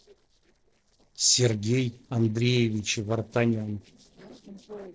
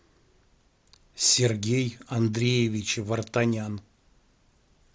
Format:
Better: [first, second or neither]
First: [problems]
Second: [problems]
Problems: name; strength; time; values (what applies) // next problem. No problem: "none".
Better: second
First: noise reduction (neural separator model SepFormer DNS4)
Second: none